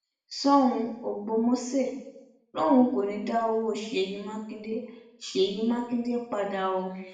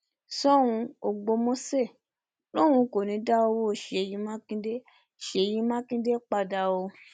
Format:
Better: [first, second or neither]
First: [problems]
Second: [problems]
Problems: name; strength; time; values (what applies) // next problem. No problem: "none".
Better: second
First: room echo; dies away in 0.8 s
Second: none